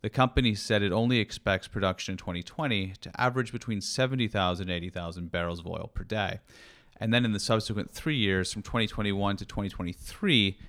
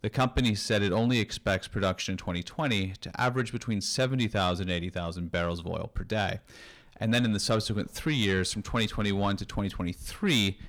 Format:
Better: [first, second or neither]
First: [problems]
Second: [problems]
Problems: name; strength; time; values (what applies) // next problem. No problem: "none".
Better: first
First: none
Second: distortion; slight; 10 dB below the speech